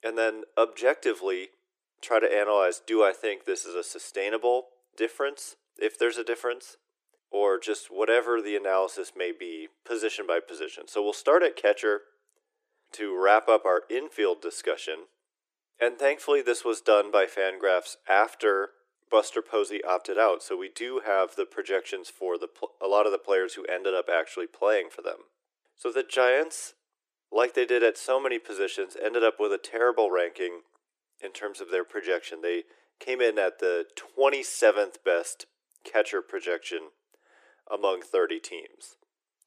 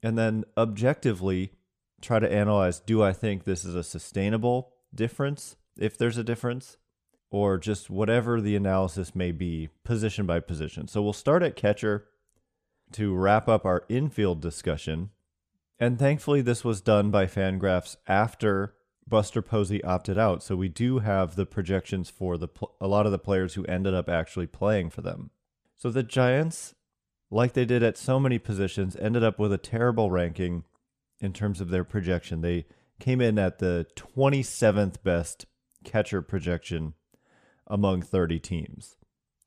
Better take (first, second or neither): second